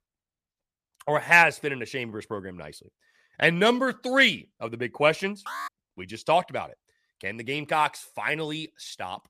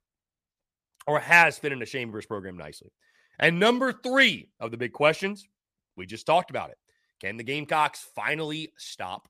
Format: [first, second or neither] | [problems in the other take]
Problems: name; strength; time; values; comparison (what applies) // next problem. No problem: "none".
second | alarm; faint; at 5.5 s; peak 10 dB below the speech